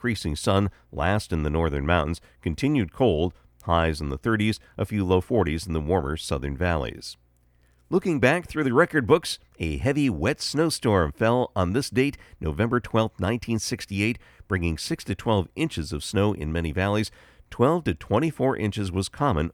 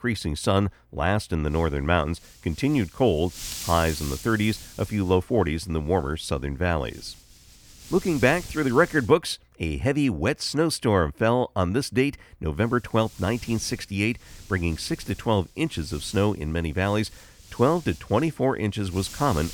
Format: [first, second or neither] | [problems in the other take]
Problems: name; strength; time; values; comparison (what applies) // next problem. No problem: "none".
first | wind noise on the microphone; occasional gusts; from 1.5 to 9 s and from 13 s on; 15 dB below the speech